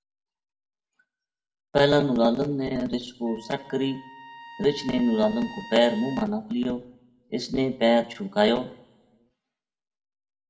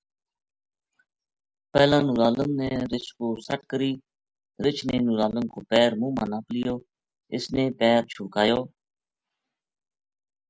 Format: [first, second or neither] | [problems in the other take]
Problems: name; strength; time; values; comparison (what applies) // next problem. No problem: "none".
second | background sound (Trumpet); 17 dB below the speech // room echo; dies away in 0.6 s